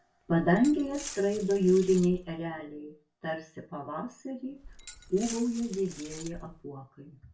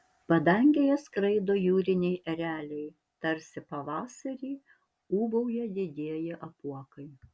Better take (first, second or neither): second